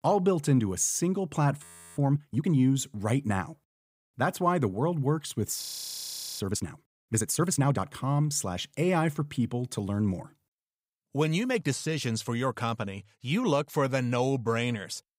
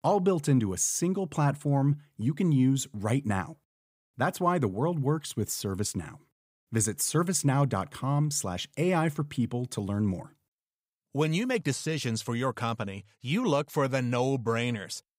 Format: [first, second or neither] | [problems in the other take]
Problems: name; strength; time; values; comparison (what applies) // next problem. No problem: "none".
second | audio freezing; at 1.5 s and at 5.5 s for 1 s